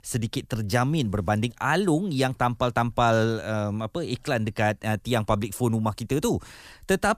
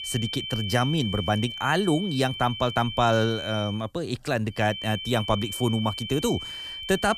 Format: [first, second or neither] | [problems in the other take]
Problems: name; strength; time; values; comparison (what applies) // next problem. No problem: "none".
first | high-pitched whine; loud; until 3.5 s and from 4.5 s on; 3 kHz, 7 dB below the speech